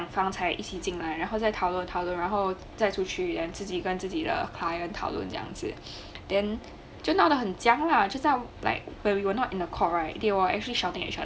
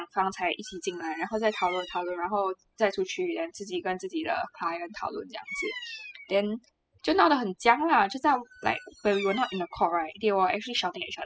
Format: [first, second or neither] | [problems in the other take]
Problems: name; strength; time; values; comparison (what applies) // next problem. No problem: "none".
first | noise reduction (classical method spectral subtraction)